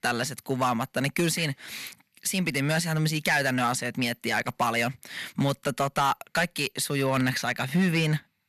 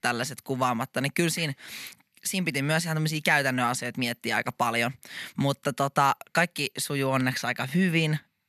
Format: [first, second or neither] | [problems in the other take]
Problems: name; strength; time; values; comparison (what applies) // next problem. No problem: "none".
second | distortion; slight; 4% of the sound clipped